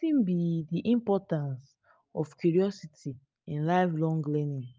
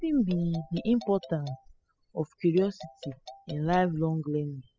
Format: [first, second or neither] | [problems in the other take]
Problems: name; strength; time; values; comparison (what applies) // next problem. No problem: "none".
first | noise reduction (classical method spectral subtraction)